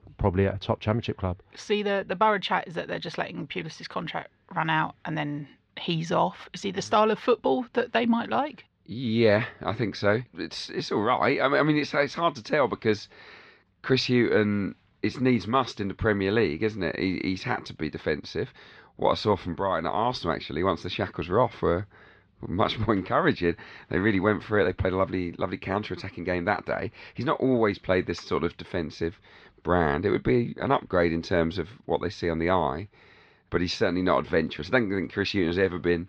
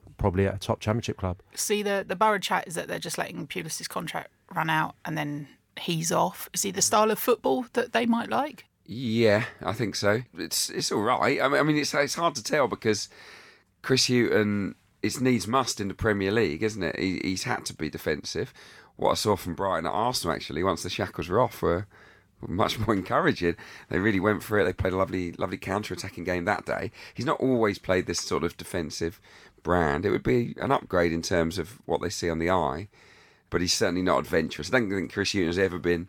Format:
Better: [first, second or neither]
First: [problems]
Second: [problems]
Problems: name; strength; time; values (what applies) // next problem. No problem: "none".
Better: second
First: muffled; slightly; fading above 4 kHz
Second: none